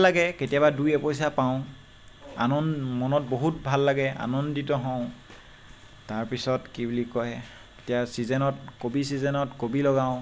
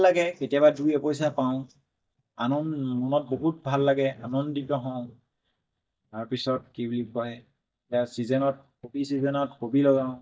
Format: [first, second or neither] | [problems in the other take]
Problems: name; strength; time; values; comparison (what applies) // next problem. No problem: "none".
first | noise reduction (neural mask model DeepFilterNet 3)